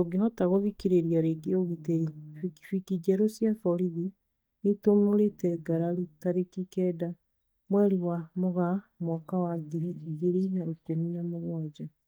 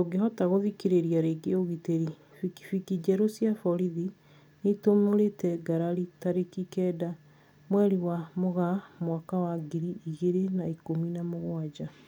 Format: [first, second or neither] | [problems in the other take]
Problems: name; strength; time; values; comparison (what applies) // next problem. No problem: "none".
second | noise reduction (neural mask model DeepFilterNet 3)